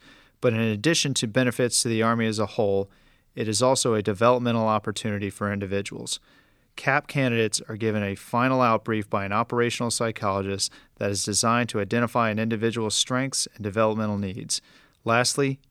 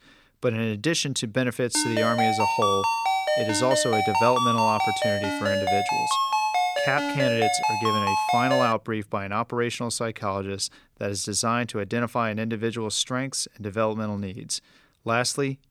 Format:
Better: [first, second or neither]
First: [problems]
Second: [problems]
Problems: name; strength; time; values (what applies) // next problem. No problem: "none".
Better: first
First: none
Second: phone ringing; loud; from 2 to 8.5 s; peak 4 dB above the speech